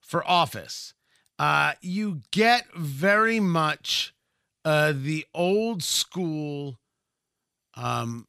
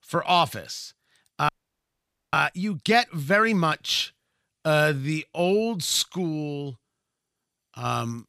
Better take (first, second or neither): first